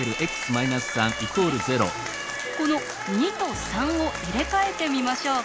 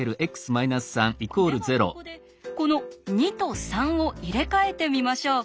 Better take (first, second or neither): second